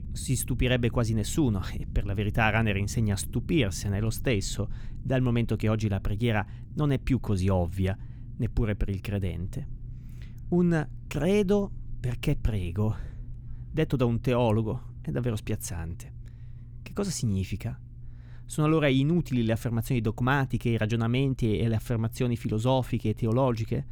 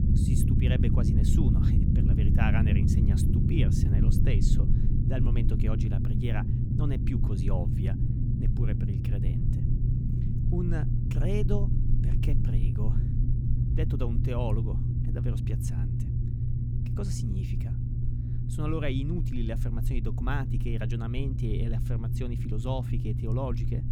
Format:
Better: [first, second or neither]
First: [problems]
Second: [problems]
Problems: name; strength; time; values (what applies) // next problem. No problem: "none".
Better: first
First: low rumble; faint; throughout; 25 dB below the speech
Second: low rumble; loud; throughout; as loud as the speech